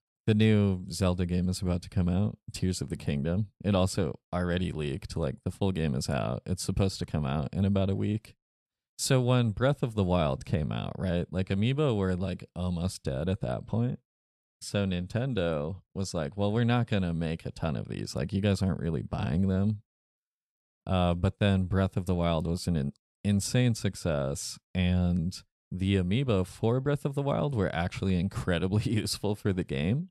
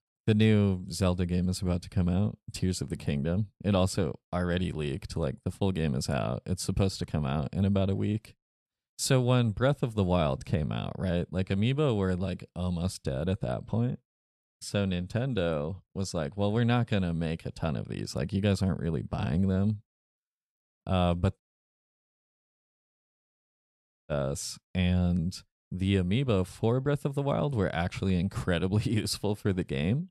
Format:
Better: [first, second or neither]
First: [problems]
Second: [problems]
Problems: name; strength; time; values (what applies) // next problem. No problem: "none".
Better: first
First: none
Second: audio cutting out; at 21 s for 2.5 s